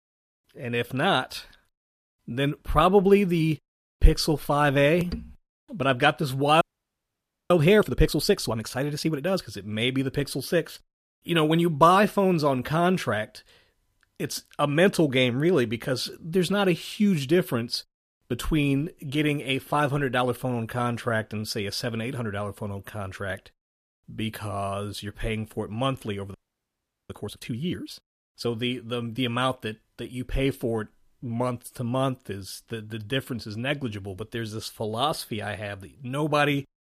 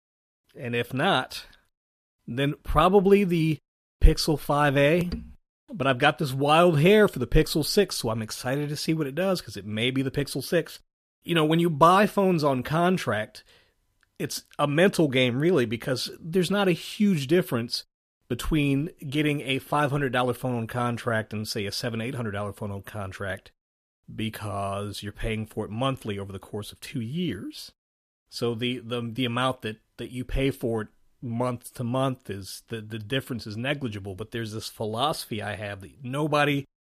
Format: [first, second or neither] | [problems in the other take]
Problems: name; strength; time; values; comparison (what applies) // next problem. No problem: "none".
second | audio freezing; at 6.5 s for 1 s and at 26 s for 1 s